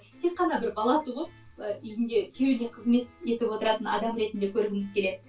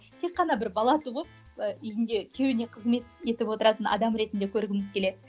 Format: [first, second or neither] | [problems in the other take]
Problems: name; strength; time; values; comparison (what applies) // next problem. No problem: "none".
second | room echo; dies away in 0.1 s